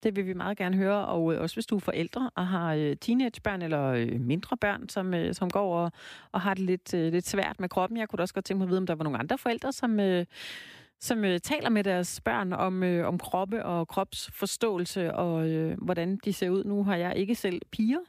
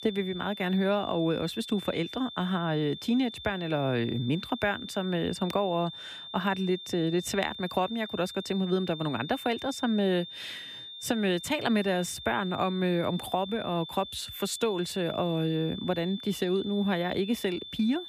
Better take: first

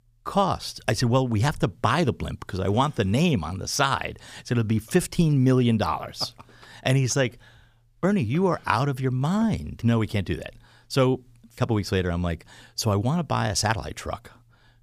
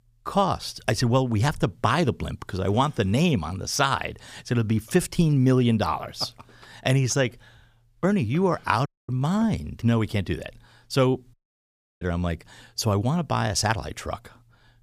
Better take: first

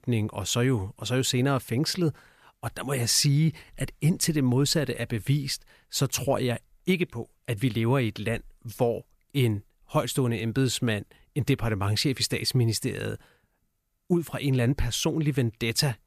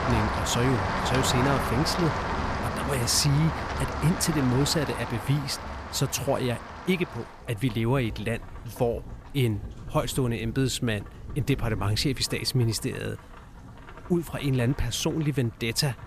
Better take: first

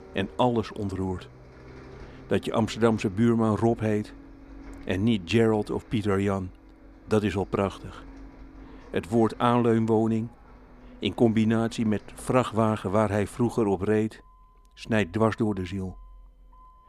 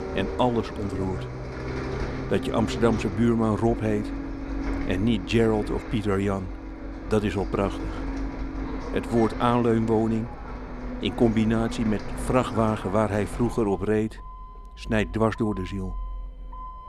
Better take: first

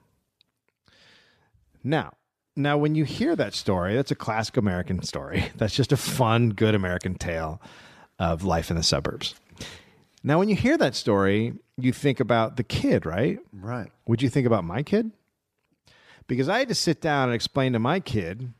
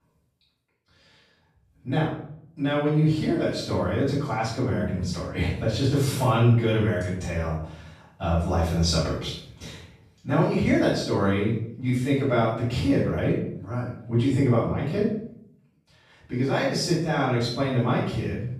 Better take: first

